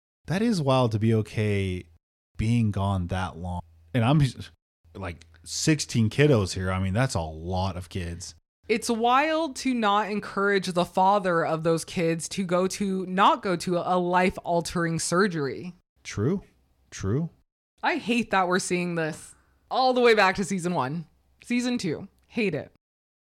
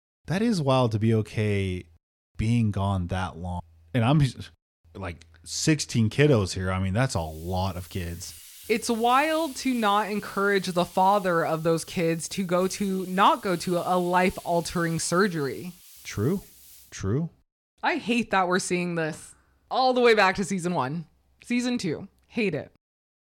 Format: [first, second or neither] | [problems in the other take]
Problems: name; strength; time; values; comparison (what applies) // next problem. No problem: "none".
first | hiss; faint; from 7 to 17 s; 20 dB below the speech